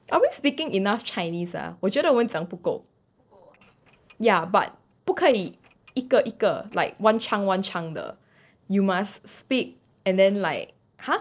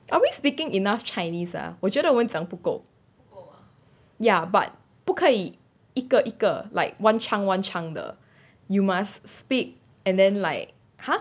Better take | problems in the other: second | noise reduction (neural separator model SepFormer DNS4)

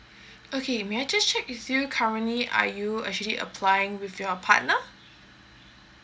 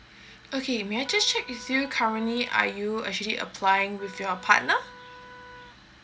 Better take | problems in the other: first | background sound (Trumpet); 19 dB below the speech

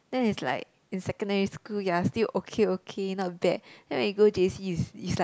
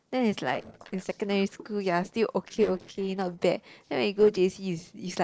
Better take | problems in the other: first | noise reduction (neural separator model SepFormer DNS4)

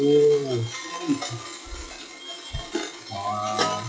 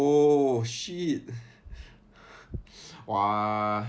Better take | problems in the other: second | noise reduction (classical method WPE with log-MMSE)

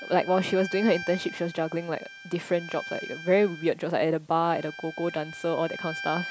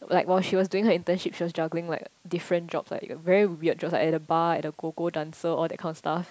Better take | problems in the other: second | background sound (Bowed string instrument); 13 dB below the speech

